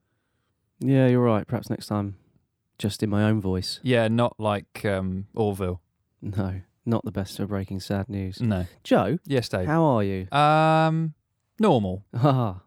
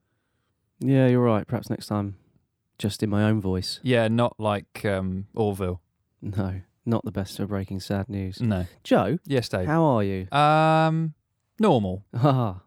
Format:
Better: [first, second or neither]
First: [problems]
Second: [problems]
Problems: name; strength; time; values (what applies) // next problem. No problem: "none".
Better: neither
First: none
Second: none